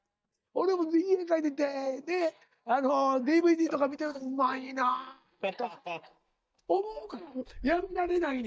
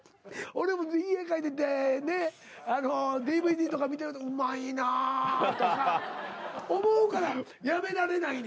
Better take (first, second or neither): second